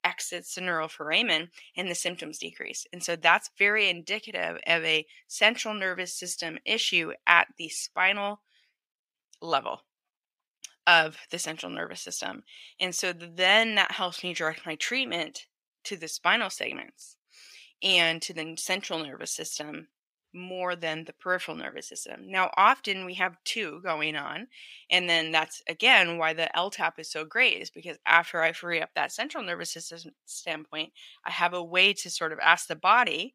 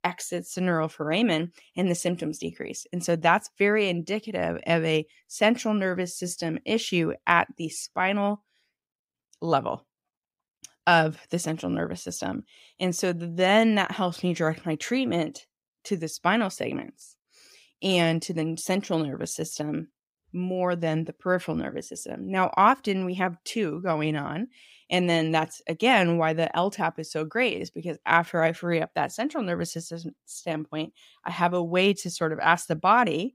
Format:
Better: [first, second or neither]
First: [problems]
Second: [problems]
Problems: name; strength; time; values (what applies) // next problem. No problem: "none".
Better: second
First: thin; somewhat; fading below 850 Hz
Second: none